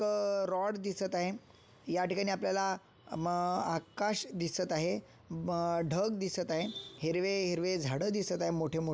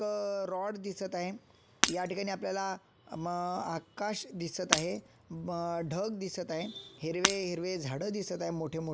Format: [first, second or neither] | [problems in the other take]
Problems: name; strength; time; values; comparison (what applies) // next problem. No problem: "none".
first | background sound (Shatter); 2 dB below the speech